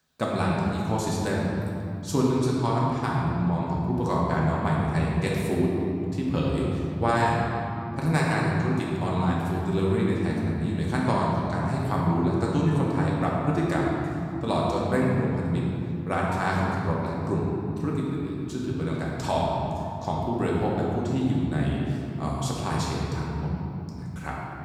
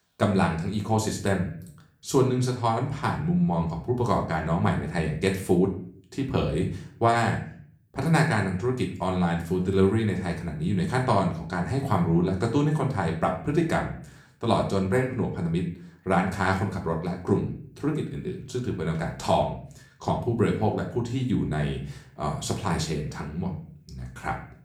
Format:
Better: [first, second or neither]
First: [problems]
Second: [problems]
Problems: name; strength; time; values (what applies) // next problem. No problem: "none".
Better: second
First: room echo; strong; dies away in 2.8 s // off-mic speech; far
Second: room echo; slight; dies away in 0.4 s // off-mic speech; somewhat distant